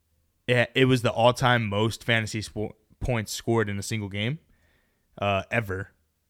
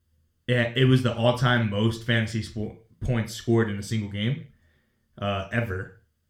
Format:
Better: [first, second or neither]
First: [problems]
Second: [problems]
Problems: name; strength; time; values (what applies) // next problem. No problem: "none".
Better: first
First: none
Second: room echo; very slight; dies away in 0.3 s